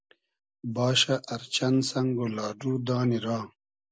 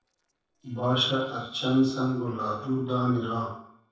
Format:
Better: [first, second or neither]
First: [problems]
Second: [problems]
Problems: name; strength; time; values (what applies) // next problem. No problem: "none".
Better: first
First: none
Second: noise reduction (neural separator model SepFormer DNS4)